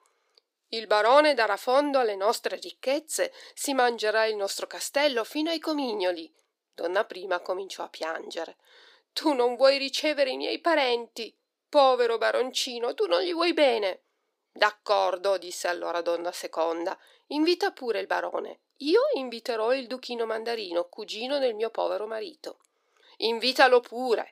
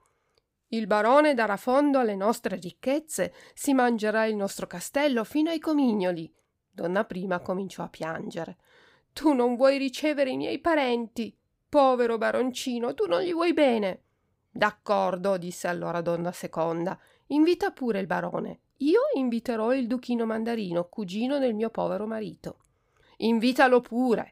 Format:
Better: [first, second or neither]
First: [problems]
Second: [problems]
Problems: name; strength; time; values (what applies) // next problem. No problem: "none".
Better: second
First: thin; somewhat; fading below 350 Hz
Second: none